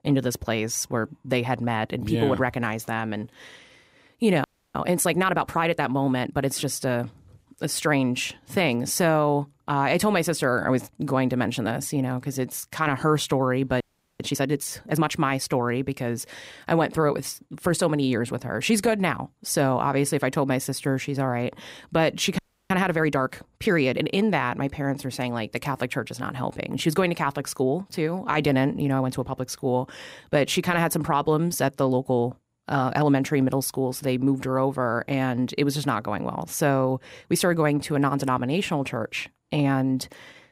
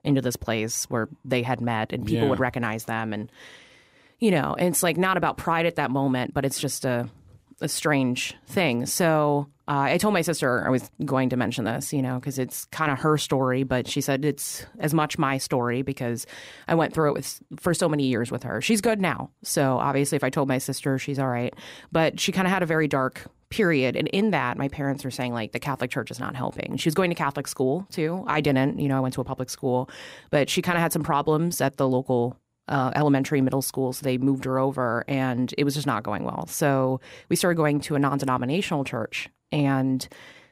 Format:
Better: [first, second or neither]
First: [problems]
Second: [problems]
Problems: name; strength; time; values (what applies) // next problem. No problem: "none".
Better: second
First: audio freezing; at 4.5 s, at 14 s and at 22 s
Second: none